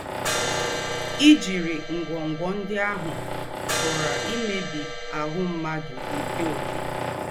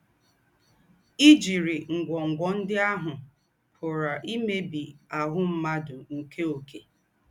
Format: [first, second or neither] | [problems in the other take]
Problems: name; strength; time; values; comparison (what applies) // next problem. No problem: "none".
second | background sound (Crash cymbal + Tools); 3 dB below the speech